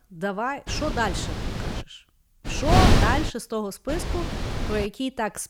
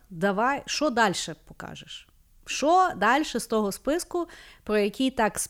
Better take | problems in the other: second | wind noise on the microphone; heavy; from 0.5 to 2 s, at 2.5 s and at 4 s; 2 dB below the speech

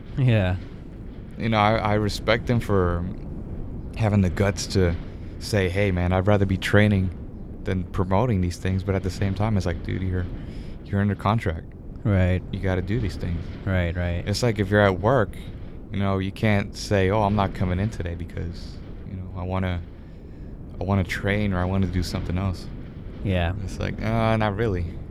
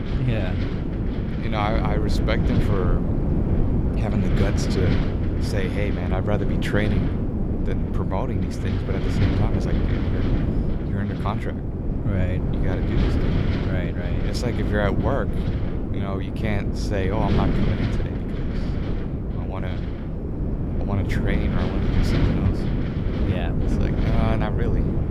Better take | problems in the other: first | wind noise on the microphone; heavy; 1 dB below the speech; occasional gusts in the first

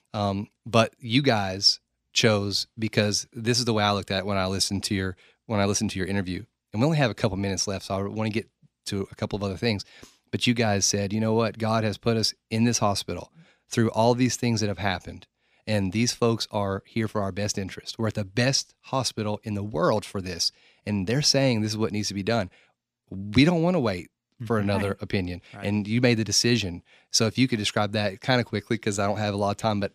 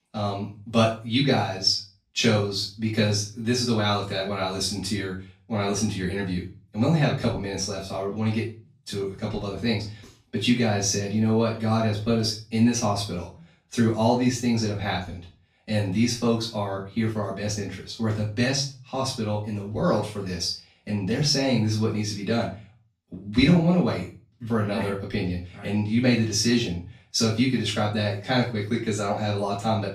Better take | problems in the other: first | off-mic speech; far // room echo; slight; dies away in 0.3 s

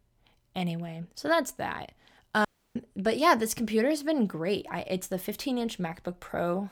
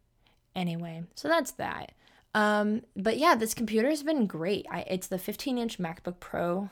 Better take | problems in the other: second | audio cutting out; at 2.5 s

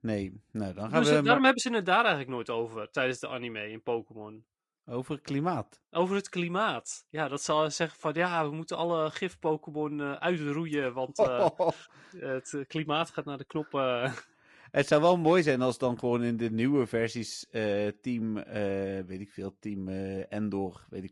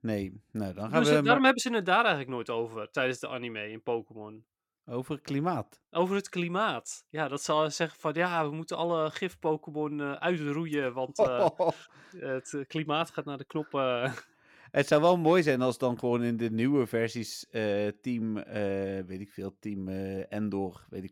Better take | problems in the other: second | garbled, watery; slightly; nothing above 10.5 kHz

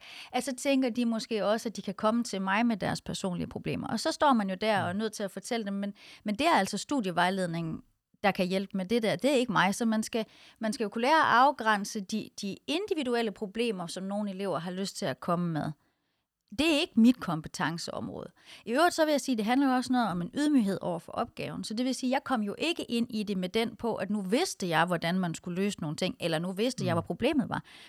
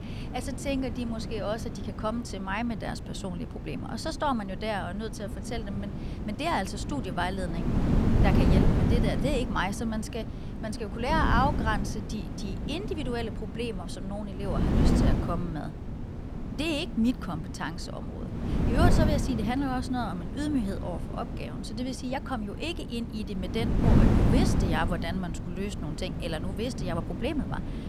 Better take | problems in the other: first | wind noise on the microphone; heavy; 5 dB below the speech

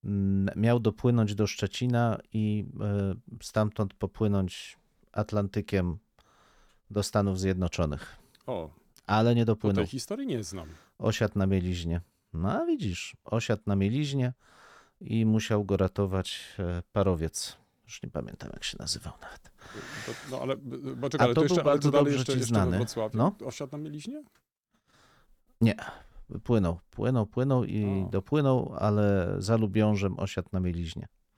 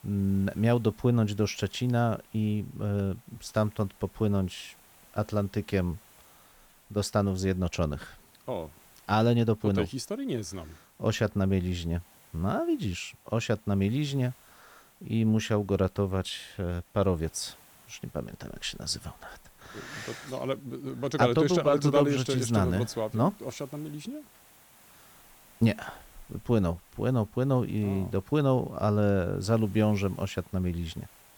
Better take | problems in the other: first | hiss; faint; throughout; 25 dB below the speech

